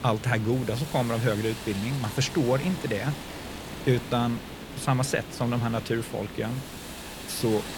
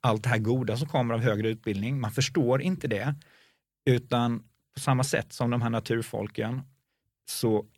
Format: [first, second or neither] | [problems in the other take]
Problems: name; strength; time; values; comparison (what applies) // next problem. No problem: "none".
second | hiss; noticeable; throughout; 10 dB below the speech